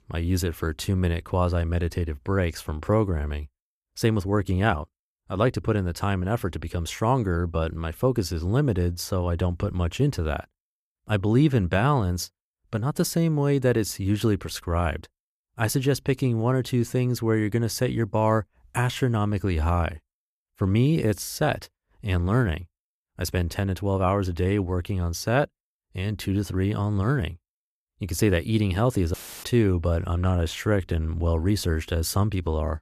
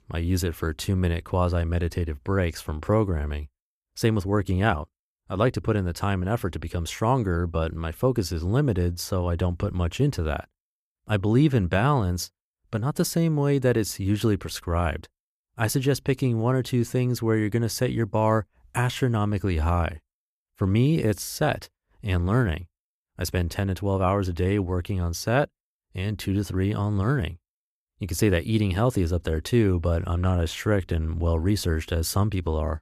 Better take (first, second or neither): second